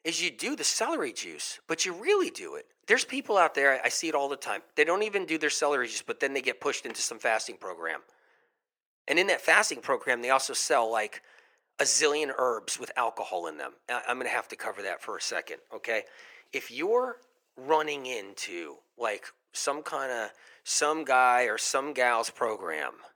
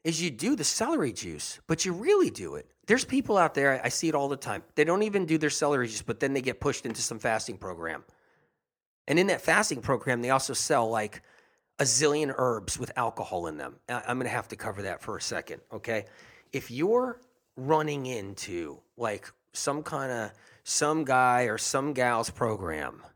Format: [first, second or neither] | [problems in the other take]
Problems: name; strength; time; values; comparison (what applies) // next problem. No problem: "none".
second | thin; somewhat; fading below 500 Hz